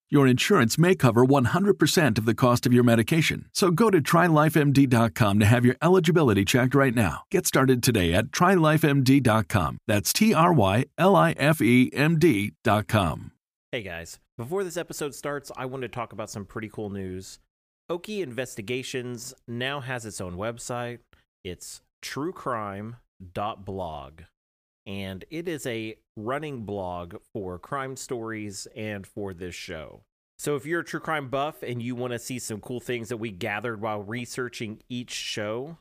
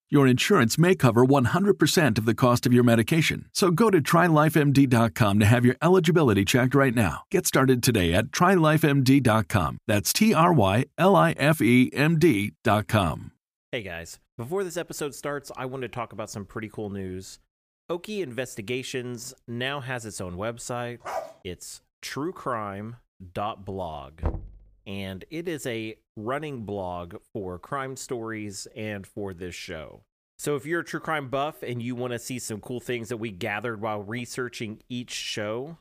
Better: first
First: none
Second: dog barking; faint; at 21 s; peak 10 dB below the speech // door banging; noticeable; at 24 s; peak 9 dB below the speech

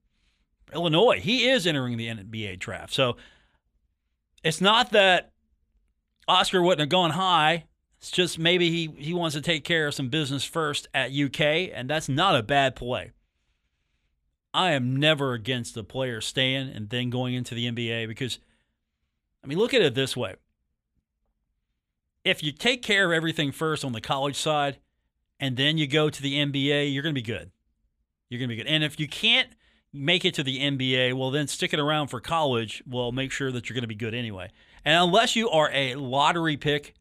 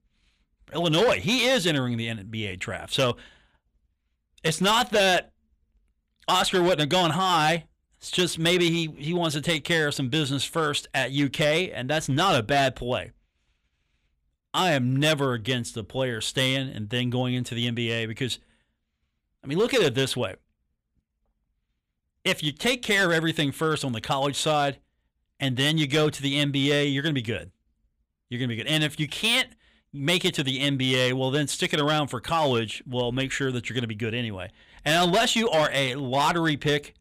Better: first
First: none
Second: distortion; slight; 5% of the sound clipped

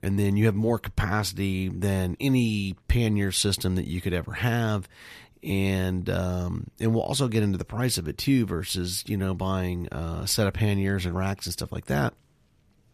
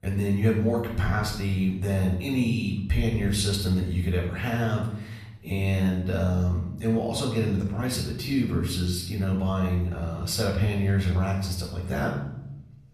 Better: first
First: none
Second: off-mic speech; far // room echo; noticeable; dies away in 0.8 s

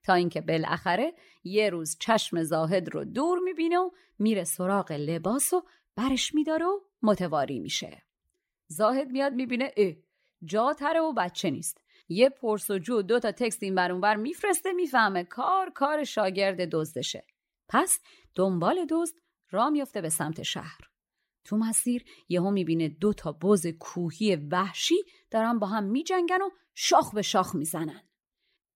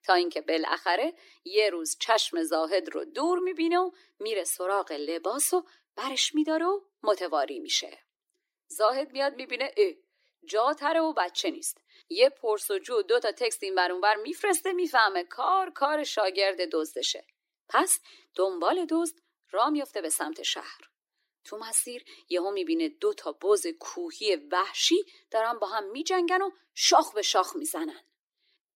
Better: first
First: none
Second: thin; somewhat; fading below 300 Hz

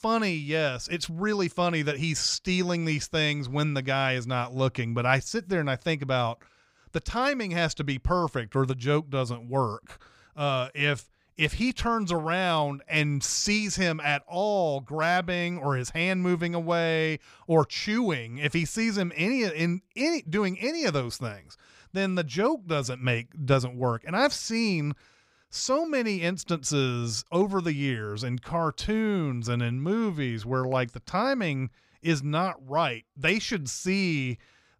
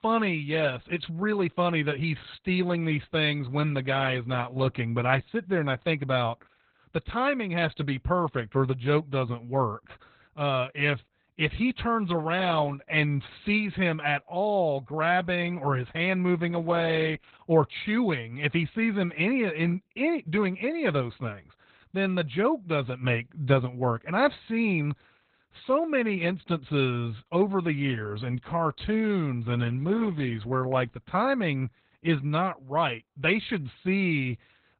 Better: first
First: none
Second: garbled, watery; badly; nothing above 4 kHz

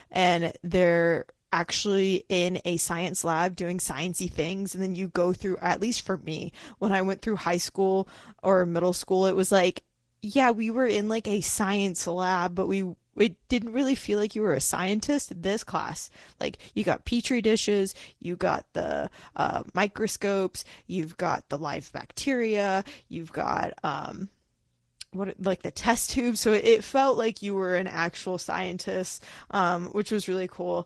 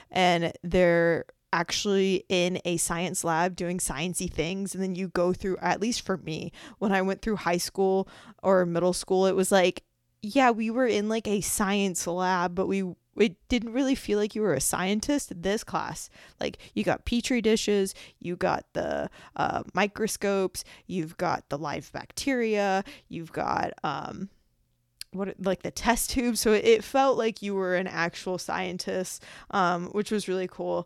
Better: second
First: garbled, watery; slightly; nothing above 15.5 kHz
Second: none

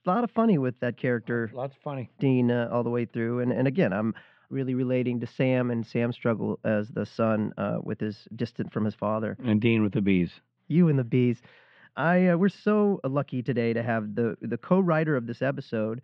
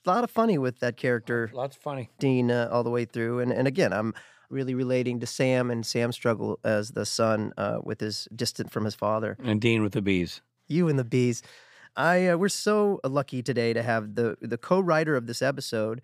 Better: second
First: muffled; very; fading above 3 kHz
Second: none

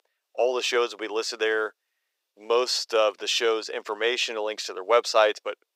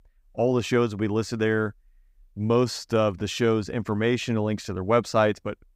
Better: second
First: thin; very; fading below 400 Hz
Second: none

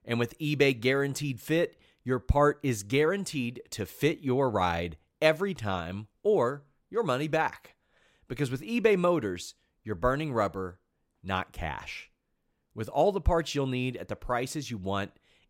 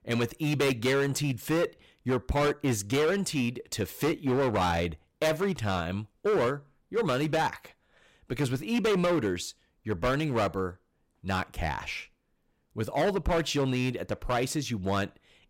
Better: first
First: none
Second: distortion; heavy; 12% of the sound clipped

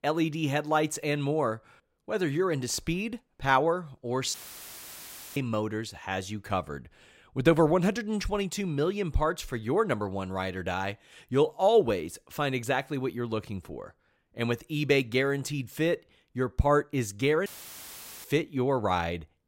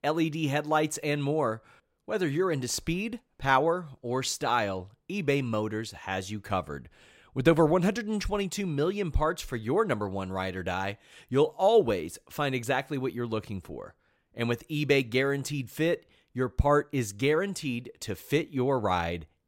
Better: second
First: audio cutting out; filled with static; at 4.5 s for 1 s and at 17 s for 1 s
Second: none

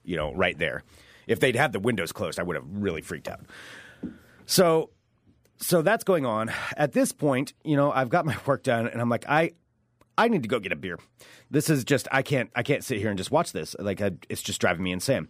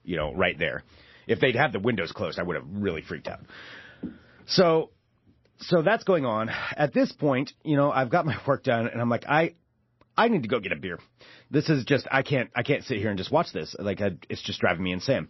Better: first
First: none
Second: garbled, watery; slightly; nothing above 5.5 kHz

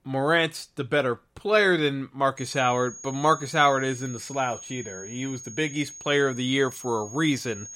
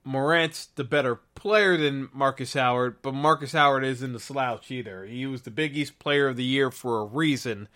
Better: second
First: high-pitched whine; noticeable; from 2.5 s on; 6.5 kHz, 15 dB below the speech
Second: none

